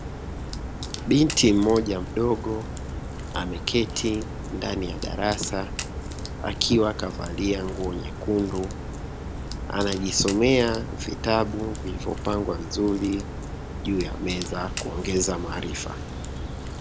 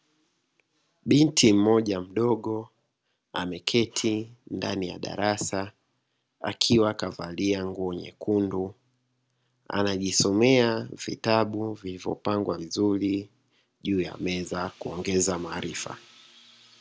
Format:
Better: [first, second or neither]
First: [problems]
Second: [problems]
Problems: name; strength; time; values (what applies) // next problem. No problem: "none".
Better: second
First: background sound (Crack); 6 dB below the speech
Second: none